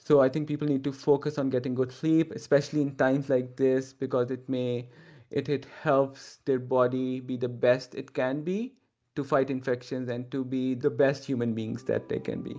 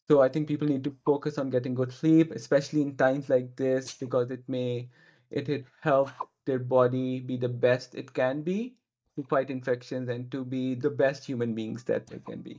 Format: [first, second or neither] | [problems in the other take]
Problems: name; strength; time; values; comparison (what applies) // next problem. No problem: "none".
first | noise reduction (neural mask model DeepFilterNet 3)